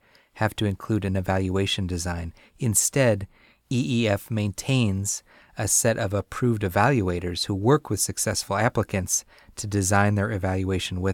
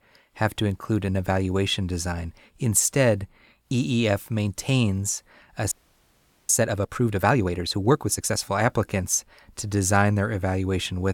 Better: first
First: none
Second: audio freezing; at 5.5 s for 1 s

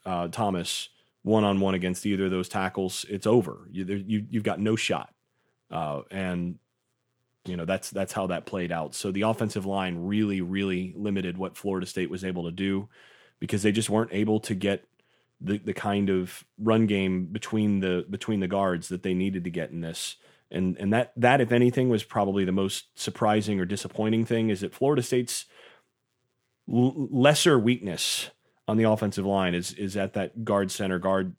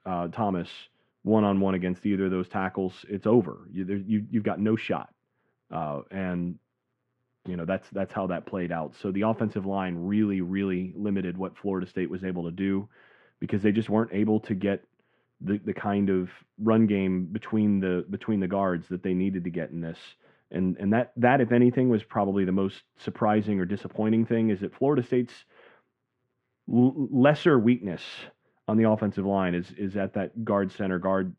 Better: first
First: none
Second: muffled; very; fading above 1.5 kHz

